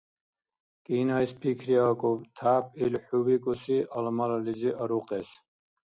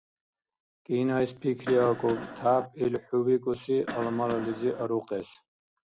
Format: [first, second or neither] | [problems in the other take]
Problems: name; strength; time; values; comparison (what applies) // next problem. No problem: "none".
first | background sound (Cough); 11 dB below the speech